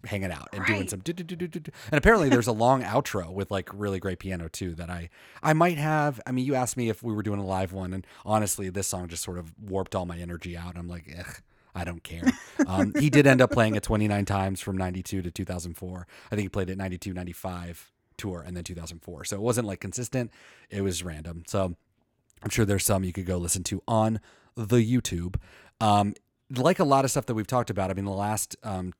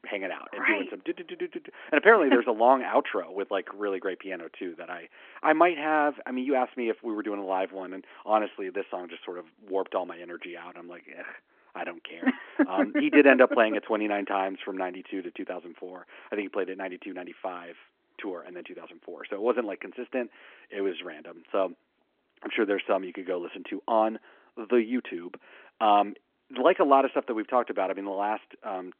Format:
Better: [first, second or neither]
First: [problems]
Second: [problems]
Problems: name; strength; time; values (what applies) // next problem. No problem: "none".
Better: first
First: none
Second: phone-call audio